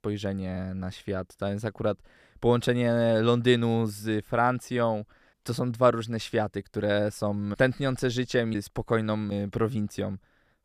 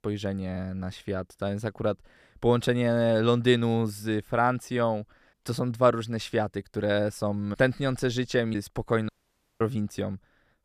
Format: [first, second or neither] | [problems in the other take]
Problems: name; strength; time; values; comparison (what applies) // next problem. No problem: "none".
first | audio cutting out; at 9 s for 0.5 s